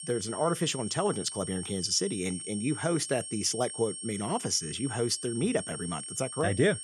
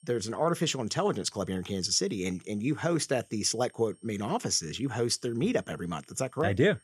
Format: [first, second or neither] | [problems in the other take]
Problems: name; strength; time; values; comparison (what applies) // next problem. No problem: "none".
second | high-pitched whine; loud; throughout; 8.5 kHz, 7 dB below the speech; faint in the second